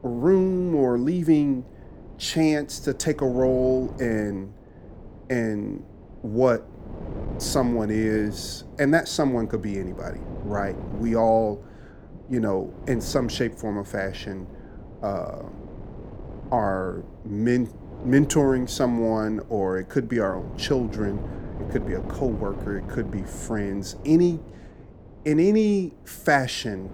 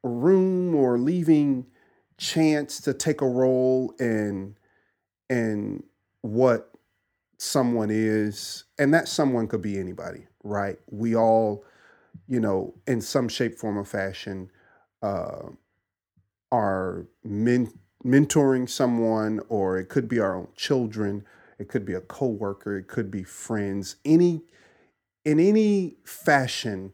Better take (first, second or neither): second